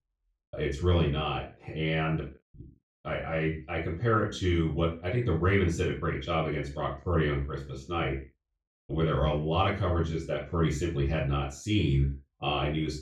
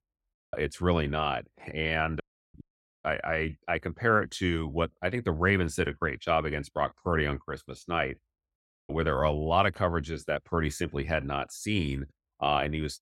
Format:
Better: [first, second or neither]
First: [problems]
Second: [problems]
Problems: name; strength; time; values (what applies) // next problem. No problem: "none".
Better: second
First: room echo; slight; dies away in 0.3 s // off-mic speech; far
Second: none